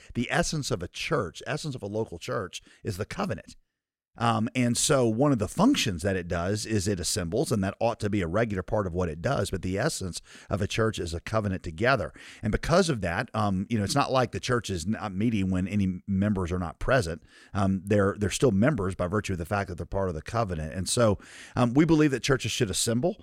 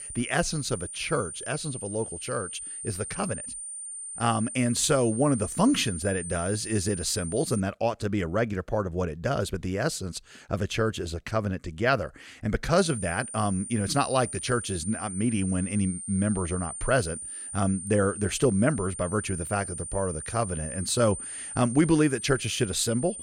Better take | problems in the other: first | high-pitched whine; loud; until 7.5 s and from 13 s on; 9 kHz, 8 dB below the speech

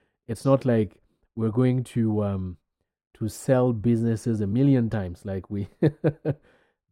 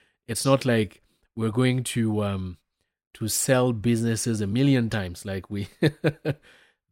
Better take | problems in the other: second | muffled; slightly; fading above 1.5 kHz

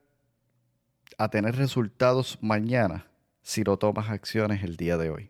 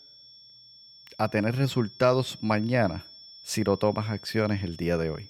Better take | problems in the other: first | high-pitched whine; noticeable; throughout; 5.5 kHz, 20 dB below the speech

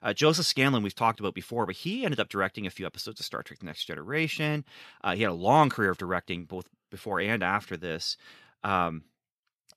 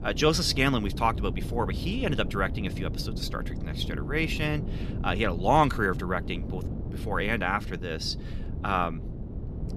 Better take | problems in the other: first | wind noise on the microphone; occasional gusts; 15 dB below the speech

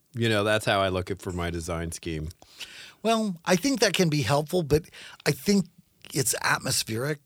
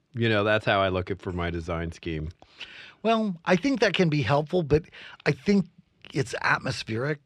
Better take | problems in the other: first | muffled; slightly; fading above 3 kHz

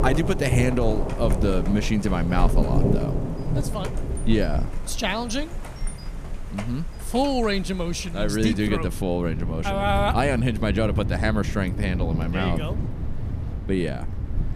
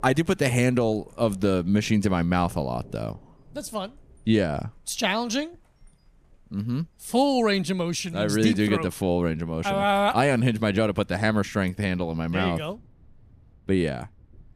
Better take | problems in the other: second | rain or running water; loud; throughout; 4 dB below the speech; faint in the second

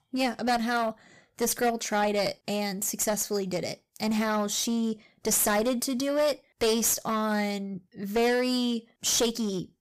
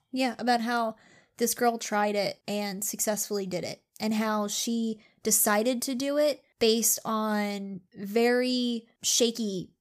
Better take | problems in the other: second | distortion; slight; 11% of the sound clipped

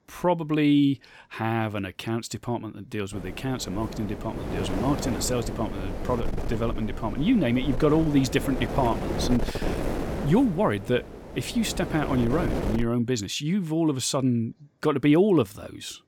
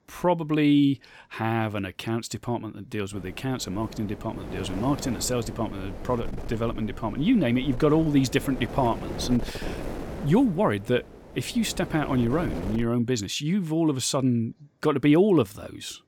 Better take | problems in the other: second | wind noise on the microphone; heavy; from 3 to 13 s; 7 dB below the speech; occasional gusts in the second

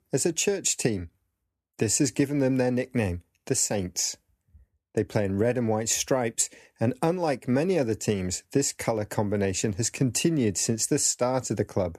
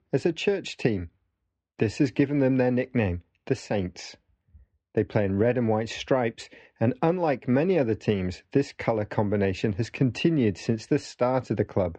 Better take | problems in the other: first | muffled; very; fading above 4 kHz

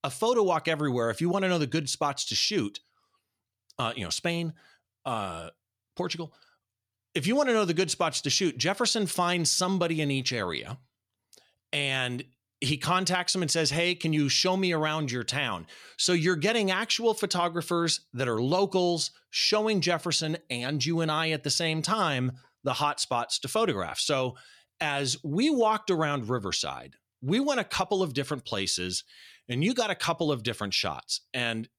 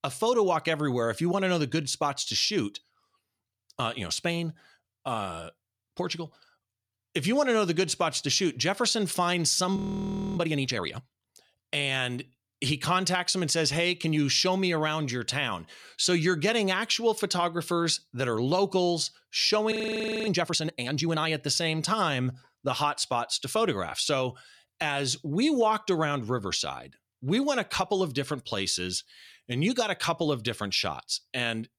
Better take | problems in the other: first | audio freezing; at 10 s for 0.5 s and at 20 s for 0.5 s

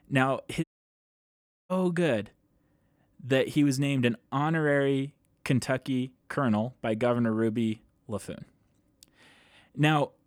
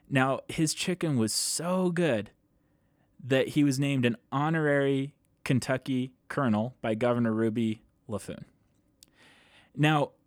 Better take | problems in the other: second | audio cutting out; at 0.5 s for 1 s

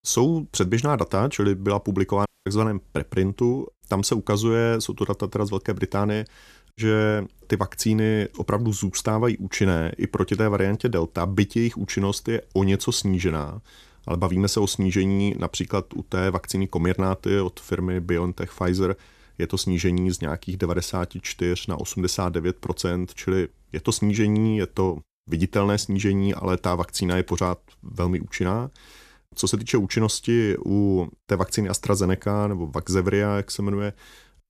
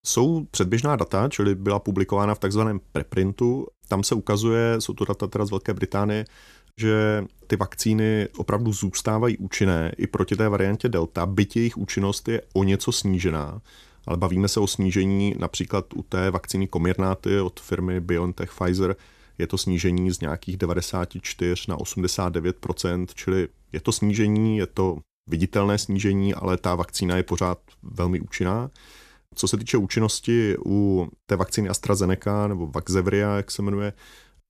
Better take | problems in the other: second | audio cutting out; at 2.5 s

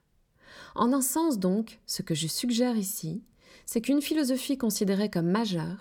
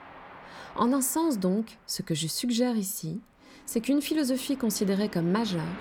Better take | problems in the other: first | train or aircraft noise; noticeable; throughout; 20 dB below the speech

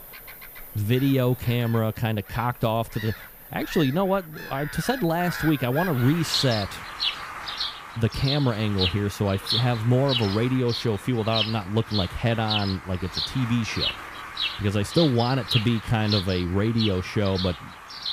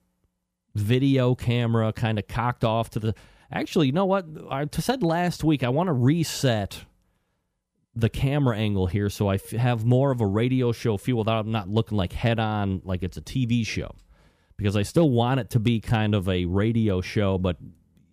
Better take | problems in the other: second | animal sounds; loud; throughout; 5 dB below the speech

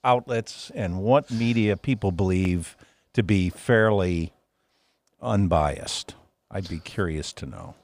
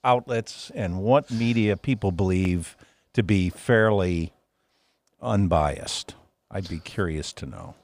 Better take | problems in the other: neither | none

